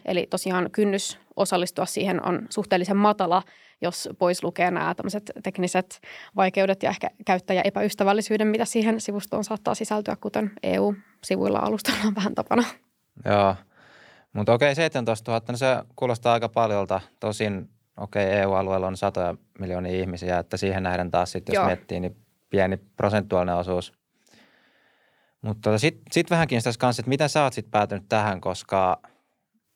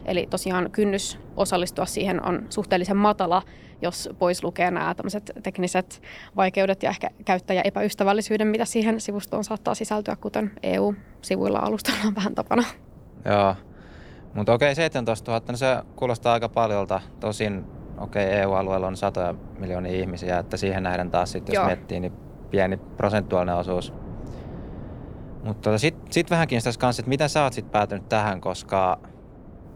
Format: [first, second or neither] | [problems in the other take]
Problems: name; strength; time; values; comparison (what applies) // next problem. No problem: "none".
first | wind noise on the microphone; occasional gusts; 25 dB below the speech